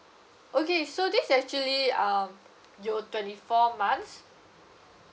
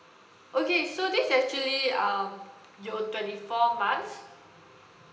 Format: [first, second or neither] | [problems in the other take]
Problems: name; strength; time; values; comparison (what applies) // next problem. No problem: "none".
first | room echo; dies away in 0.9 s